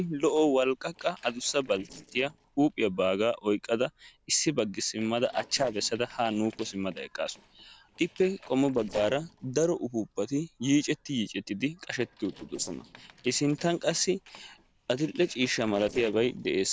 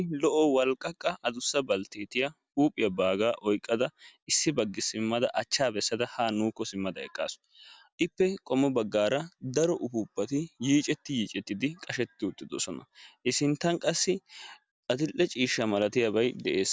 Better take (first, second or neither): second